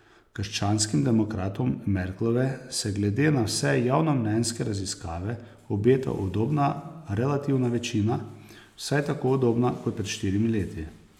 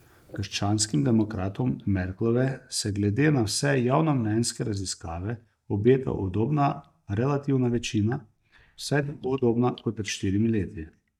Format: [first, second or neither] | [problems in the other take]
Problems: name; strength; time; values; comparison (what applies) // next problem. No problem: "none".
first | noise reduction (neural mask model DeepFilterNet 3)